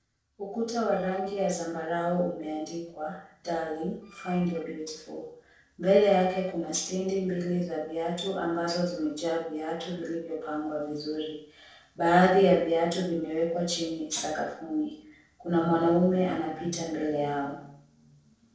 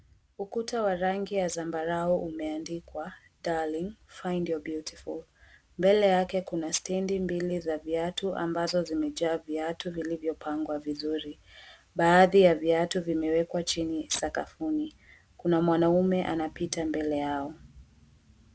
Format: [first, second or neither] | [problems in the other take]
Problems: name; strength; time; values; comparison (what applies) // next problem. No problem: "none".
second | noise reduction (neural separator model SepFormer DNS4)